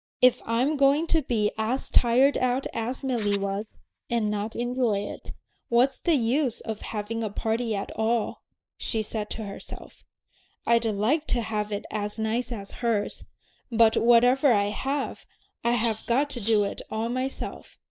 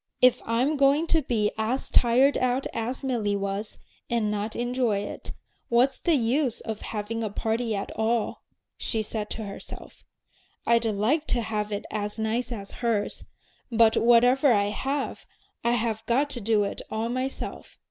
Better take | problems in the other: second | noise reduction (neural mask model DeepFilterNet 3)

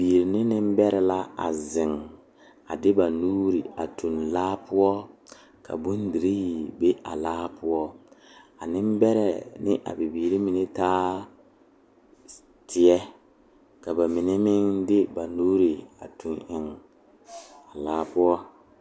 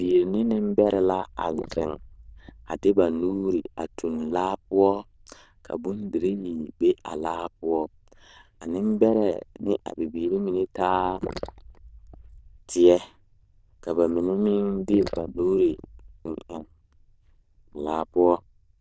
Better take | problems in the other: first | noise reduction (neural diffusion model UNIVERSE++)

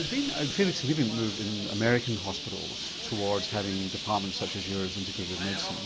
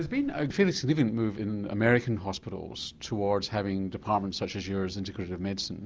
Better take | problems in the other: second | background sound (Bird); 5 dB below the speech

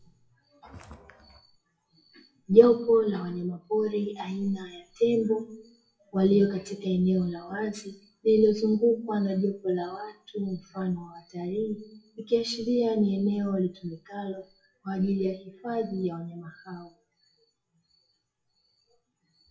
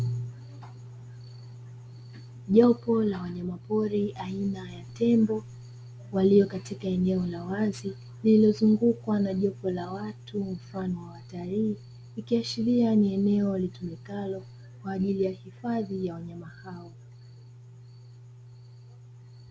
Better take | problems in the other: second | noise reduction (classical method WPE with log-MMSE)

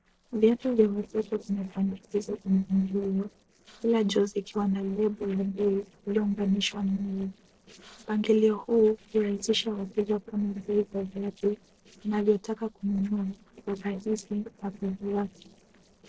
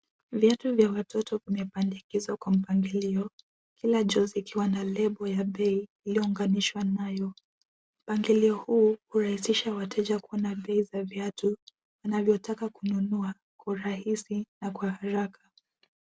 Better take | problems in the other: second | noise reduction (neural separator model SepFormer DNS4)

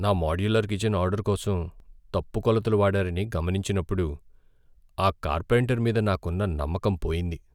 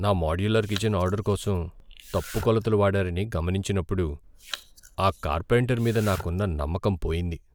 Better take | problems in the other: first | background sound (Domestic sounds, home sounds); 17 dB below the speech

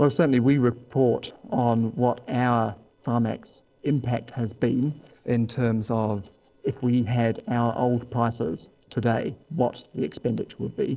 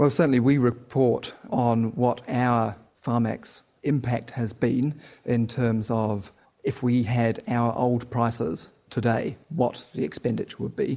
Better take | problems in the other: second | noise reduction (neural separator model SepFormer DNS4)

